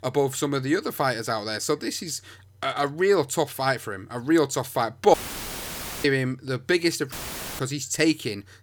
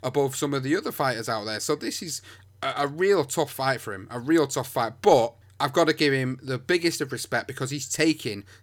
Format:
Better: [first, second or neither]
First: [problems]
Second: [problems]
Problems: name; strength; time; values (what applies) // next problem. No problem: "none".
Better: second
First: audio cutting out; filled with static; at 5 s for 1 s and at 7 s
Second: none